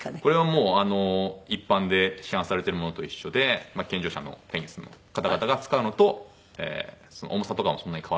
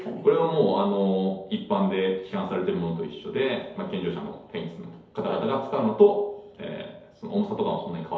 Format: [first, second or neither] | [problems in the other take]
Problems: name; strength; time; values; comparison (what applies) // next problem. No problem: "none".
first | room echo; dies away in 2.2 s